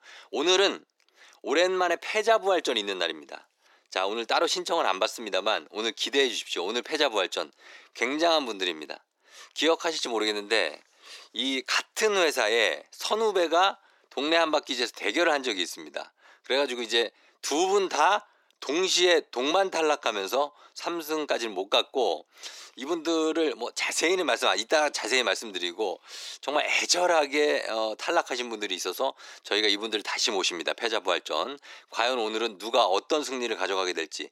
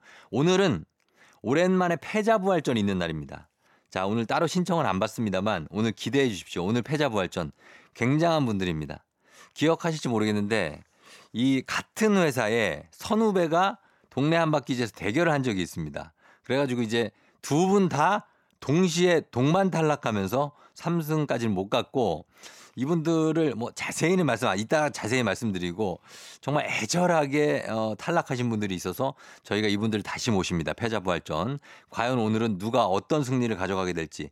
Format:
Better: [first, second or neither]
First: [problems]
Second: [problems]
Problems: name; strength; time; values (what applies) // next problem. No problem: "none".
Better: second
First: thin; very; fading below 350 Hz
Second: none